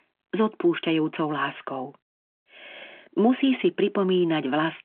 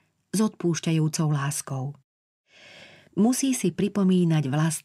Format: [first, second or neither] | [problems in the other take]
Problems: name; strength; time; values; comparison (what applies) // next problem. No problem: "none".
second | phone-call audio; nothing above 3.5 kHz